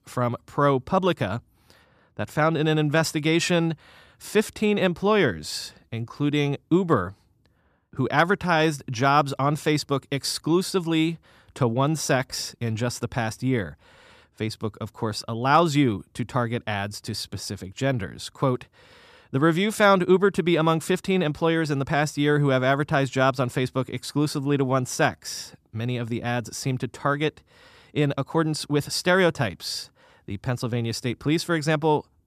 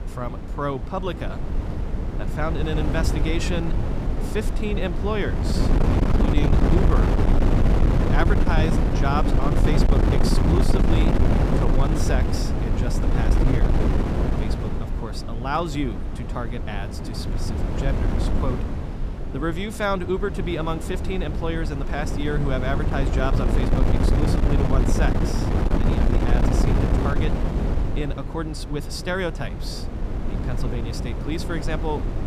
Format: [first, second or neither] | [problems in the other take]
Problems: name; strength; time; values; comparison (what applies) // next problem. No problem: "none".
first | wind noise on the microphone; heavy; 1 dB below the speech